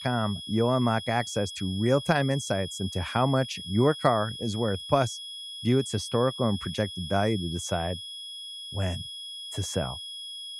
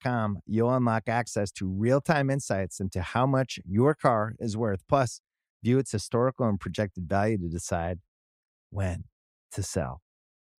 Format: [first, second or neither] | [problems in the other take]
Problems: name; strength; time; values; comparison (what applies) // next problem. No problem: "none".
second | high-pitched whine; loud; throughout; 3.5 kHz, 9 dB below the speech